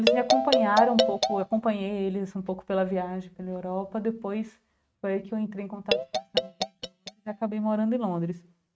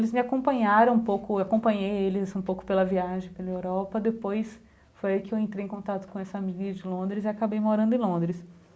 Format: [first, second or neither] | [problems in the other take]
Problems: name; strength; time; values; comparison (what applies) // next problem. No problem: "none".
second | noise reduction (neural mask model RNNoise)